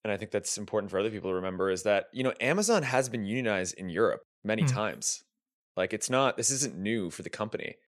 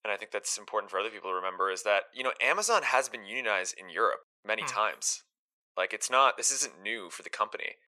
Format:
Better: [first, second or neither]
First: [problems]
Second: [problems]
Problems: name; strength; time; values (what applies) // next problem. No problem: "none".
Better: first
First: none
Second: thin; very; fading below 700 Hz